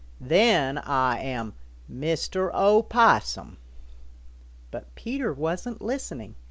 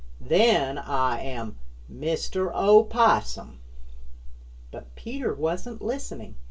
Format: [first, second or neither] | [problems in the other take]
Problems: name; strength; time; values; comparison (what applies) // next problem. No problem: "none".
first | room echo; dies away in 0.2 s